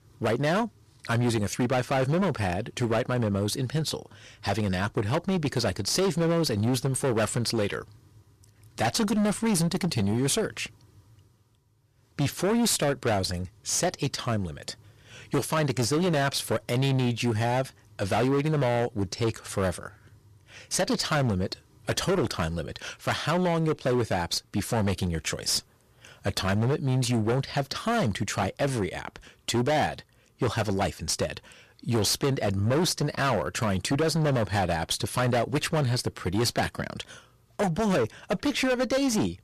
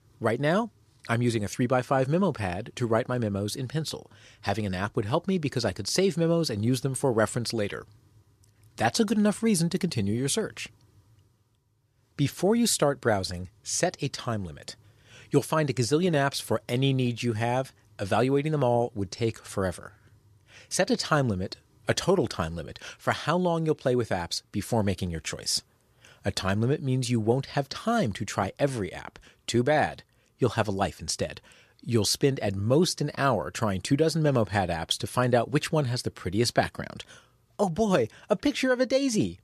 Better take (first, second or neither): second